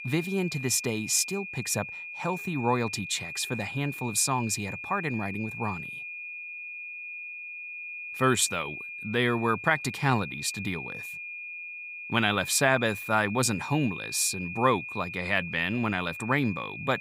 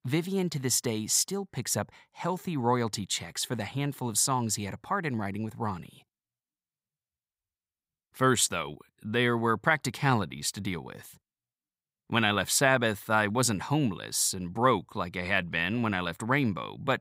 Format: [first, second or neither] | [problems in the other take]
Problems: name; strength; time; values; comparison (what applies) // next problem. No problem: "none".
second | high-pitched whine; loud; throughout; 2.5 kHz, 9 dB below the speech